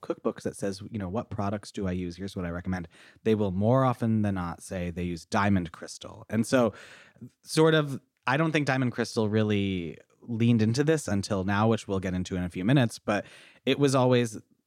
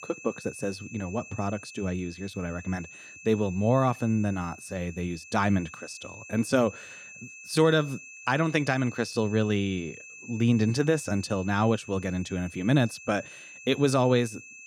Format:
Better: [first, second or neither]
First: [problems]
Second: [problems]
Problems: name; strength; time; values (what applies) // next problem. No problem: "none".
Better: first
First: none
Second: high-pitched whine; noticeable; throughout; 2.5 kHz, 15 dB below the speech